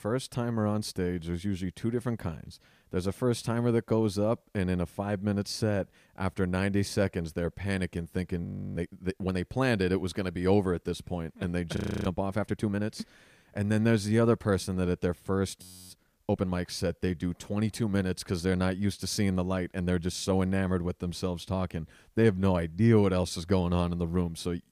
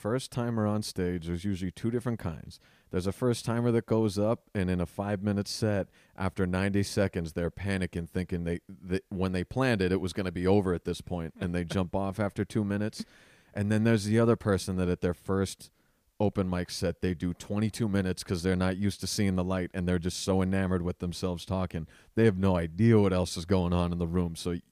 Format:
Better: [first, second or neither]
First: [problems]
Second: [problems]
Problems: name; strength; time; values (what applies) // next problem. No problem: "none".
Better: second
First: audio freezing; at 8.5 s, at 12 s and at 16 s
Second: none